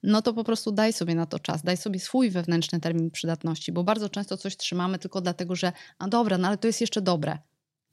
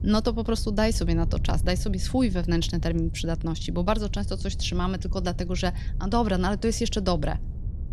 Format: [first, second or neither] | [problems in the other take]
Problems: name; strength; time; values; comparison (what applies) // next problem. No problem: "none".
first | wind noise on the microphone; occasional gusts; 20 dB below the speech